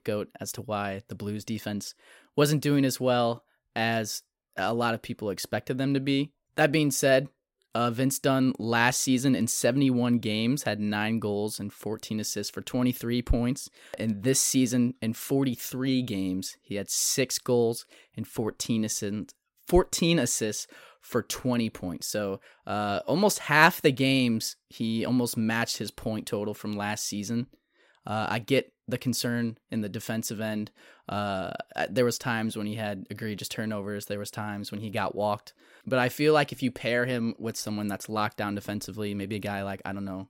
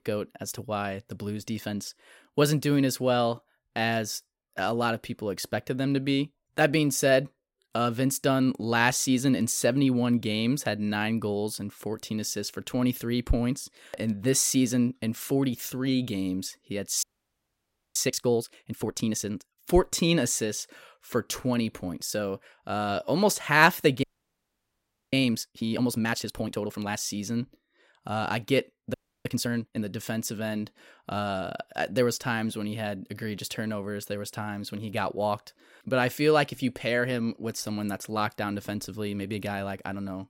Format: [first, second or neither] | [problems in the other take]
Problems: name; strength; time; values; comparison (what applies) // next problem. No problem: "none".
first | audio freezing; at 17 s for 1 s, at 24 s for 1 s and at 29 s